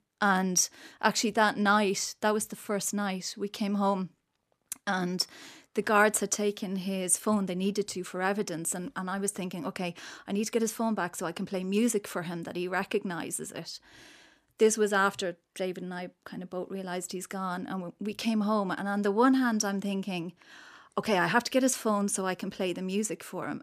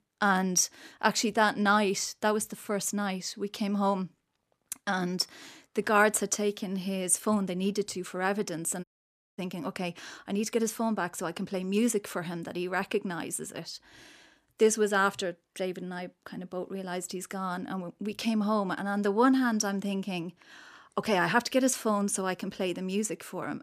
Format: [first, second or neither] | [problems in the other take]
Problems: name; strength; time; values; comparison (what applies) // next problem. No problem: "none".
first | audio cutting out; at 9 s for 0.5 s